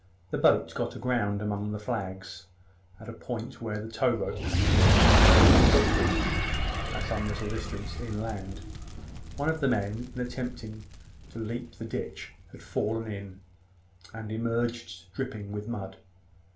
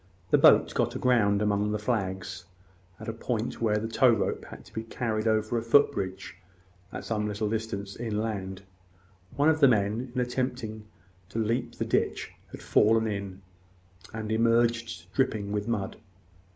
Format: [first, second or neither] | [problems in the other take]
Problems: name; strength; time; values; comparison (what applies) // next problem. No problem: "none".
second | background sound (Fire); 3 dB above the speech // room echo; dies away in 0.2 s